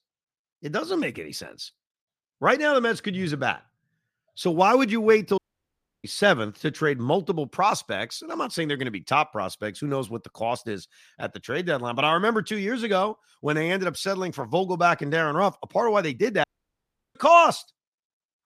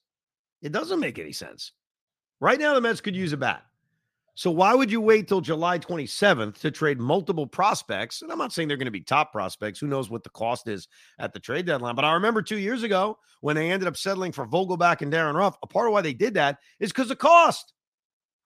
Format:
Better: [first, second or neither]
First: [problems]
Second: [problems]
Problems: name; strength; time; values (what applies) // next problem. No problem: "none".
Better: second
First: audio cutting out; at 5.5 s for 0.5 s and at 16 s for 0.5 s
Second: none